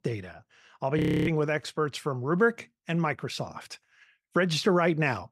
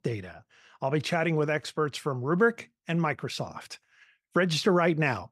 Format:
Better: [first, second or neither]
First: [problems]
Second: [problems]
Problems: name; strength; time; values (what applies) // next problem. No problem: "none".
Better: second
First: audio freezing; at 1 s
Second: none